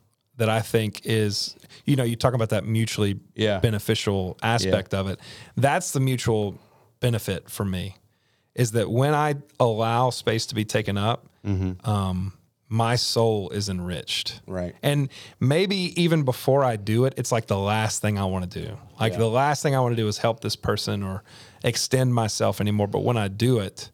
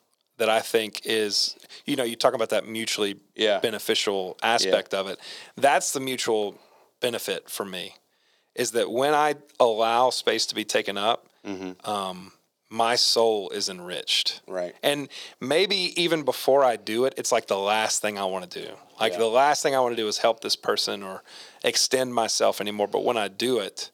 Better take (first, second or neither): first